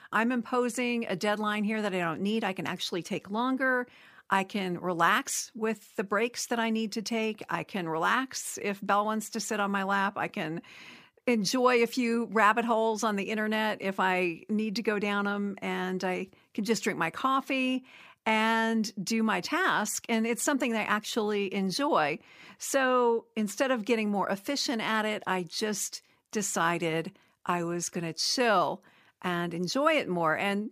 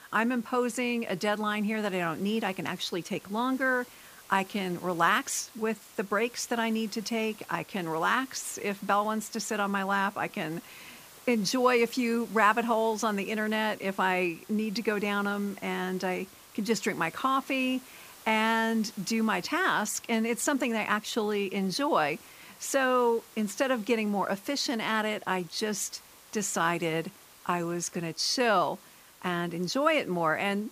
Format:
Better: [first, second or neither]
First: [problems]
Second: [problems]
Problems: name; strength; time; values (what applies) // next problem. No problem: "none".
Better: first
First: none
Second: hiss; faint; throughout; 20 dB below the speech